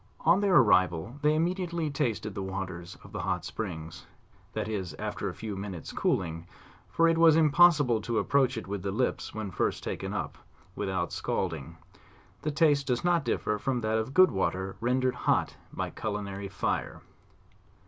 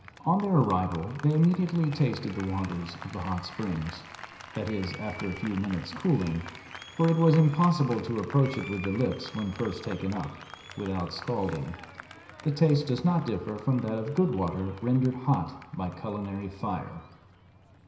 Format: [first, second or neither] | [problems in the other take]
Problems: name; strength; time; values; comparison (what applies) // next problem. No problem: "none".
first | background sound (Applause); 18 dB below the speech // room echo; dies away in 0.9 s